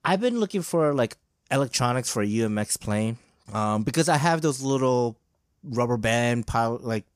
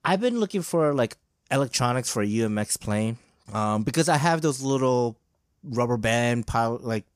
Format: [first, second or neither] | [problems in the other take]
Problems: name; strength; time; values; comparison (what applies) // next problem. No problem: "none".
neither | none